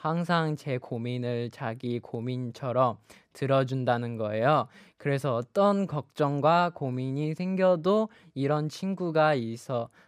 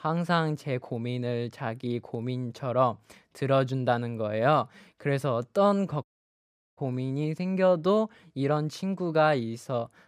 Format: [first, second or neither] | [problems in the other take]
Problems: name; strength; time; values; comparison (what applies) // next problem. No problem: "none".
first | audio cutting out; at 6 s for 0.5 s